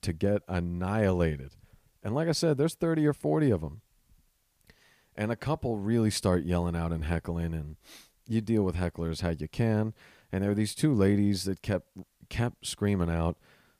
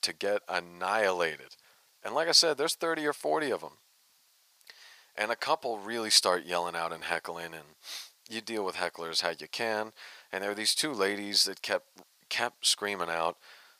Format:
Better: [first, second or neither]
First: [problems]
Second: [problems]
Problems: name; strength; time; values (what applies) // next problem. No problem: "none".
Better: first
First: none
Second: thin; very; fading below 800 Hz